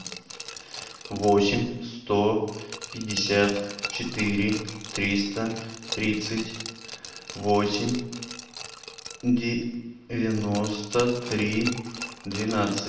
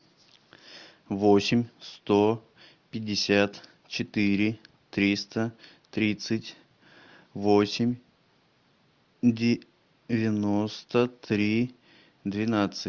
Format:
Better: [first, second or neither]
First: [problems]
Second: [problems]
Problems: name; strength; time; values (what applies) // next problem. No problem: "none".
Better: second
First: background sound (Glass); 12 dB below the speech // room echo; dies away in 0.8 s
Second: none